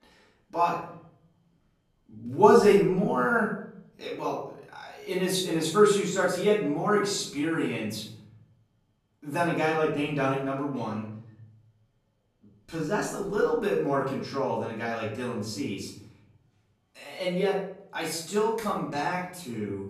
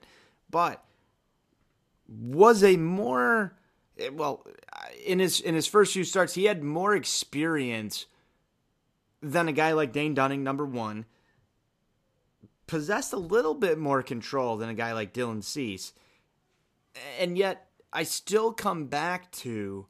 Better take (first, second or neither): second